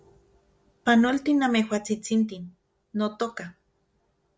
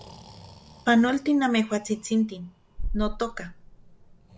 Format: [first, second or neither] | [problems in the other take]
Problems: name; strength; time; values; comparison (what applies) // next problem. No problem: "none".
first | background sound (Breathing); 10 dB below the speech